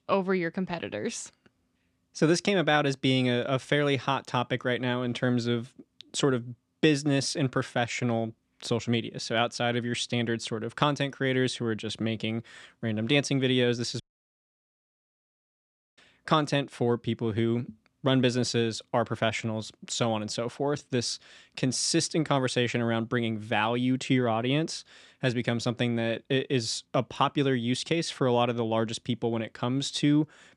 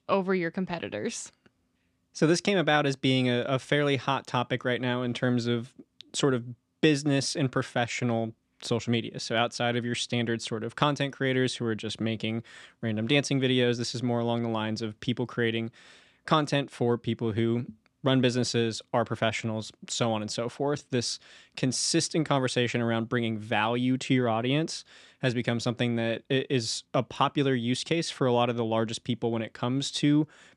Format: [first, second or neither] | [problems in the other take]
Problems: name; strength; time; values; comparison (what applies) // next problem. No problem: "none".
second | audio cutting out; at 14 s for 2 s